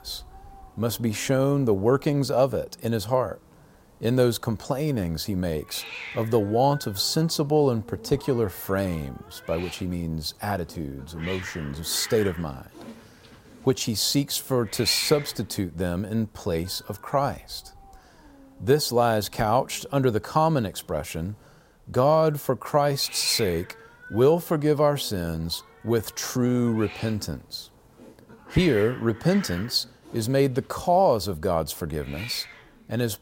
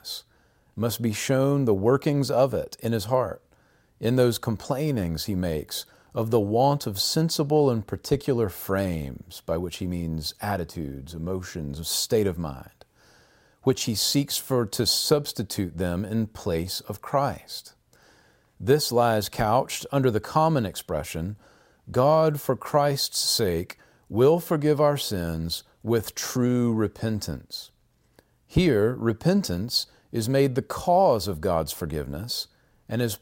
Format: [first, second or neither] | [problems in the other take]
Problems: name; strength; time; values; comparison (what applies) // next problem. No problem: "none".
second | hiss; noticeable; throughout; 15 dB below the speech